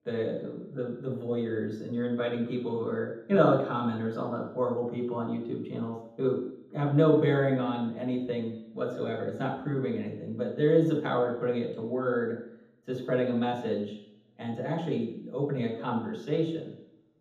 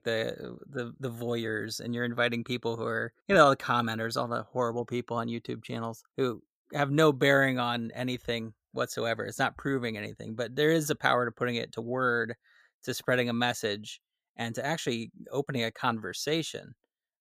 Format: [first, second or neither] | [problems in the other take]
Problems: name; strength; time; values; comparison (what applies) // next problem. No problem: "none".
second | room echo; noticeable; dies away in 0.8 s // off-mic speech; far